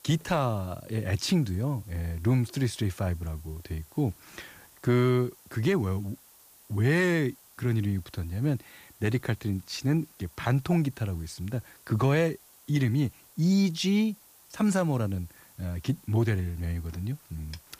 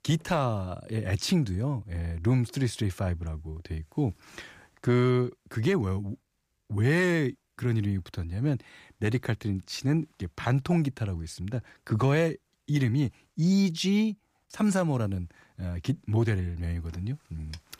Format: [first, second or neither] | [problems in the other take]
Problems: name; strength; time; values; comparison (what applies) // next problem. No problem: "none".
second | hiss; faint; throughout; 25 dB below the speech